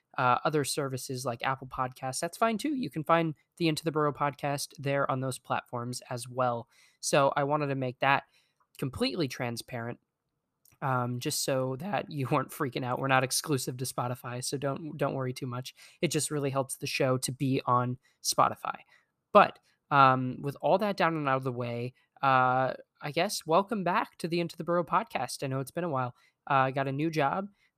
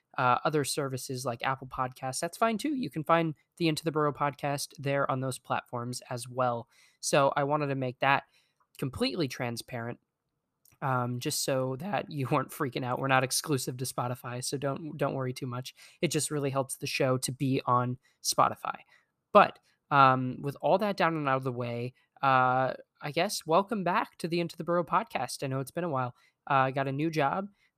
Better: neither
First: none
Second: none

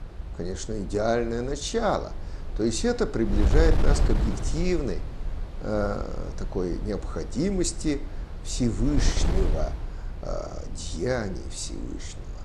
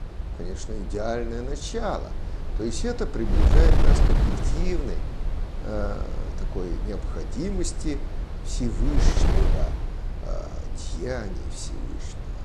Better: first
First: wind noise on the microphone; occasional gusts; 10 dB below the speech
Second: wind noise on the microphone; heavy; 4 dB below the speech

